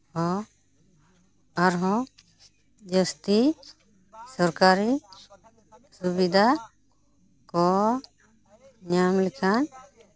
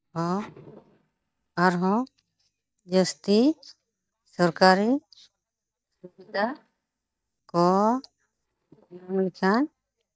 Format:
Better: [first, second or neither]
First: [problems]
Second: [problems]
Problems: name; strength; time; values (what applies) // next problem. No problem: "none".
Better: first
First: none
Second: noise reduction (neural mask model DeepFilterNet 3)